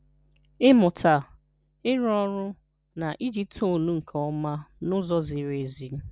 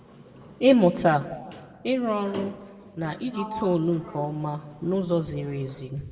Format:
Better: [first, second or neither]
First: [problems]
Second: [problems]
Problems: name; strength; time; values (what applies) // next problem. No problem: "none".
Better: first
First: none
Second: background sound (Sliding door); 17 dB below the speech // room echo; dies away in 1.4 s